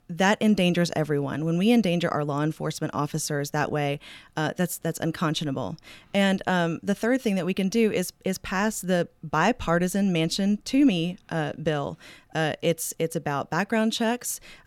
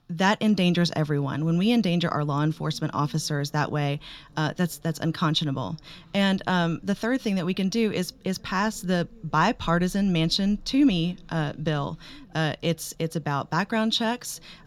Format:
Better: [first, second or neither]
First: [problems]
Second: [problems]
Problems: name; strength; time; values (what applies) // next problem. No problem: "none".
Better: first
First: none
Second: room echo; slight; dies away in 3 s